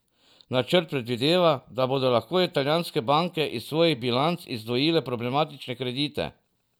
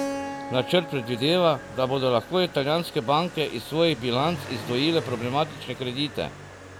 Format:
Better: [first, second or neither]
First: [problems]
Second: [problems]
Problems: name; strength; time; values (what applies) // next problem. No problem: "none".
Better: first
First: none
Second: background sound (Keyboard (musical) + Motorcycle); 12 dB below the speech